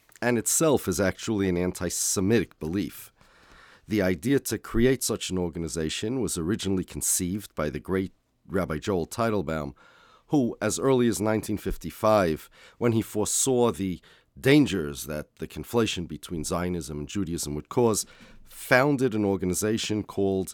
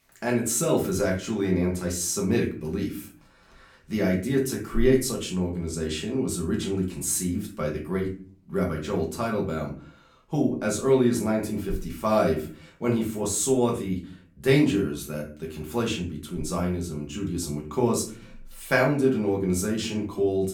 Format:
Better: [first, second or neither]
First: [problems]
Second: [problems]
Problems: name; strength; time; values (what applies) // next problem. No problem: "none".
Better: first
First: none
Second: room echo; slight; dies away in 0.4 s // off-mic speech; far